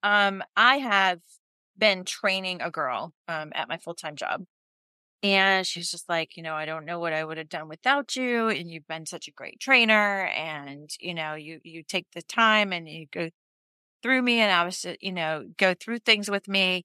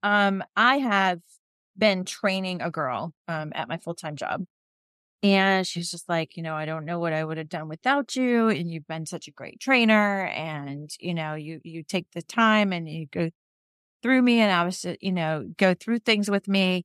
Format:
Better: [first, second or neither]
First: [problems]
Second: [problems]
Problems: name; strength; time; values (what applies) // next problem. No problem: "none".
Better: second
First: thin; very slightly; fading below 1 kHz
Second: none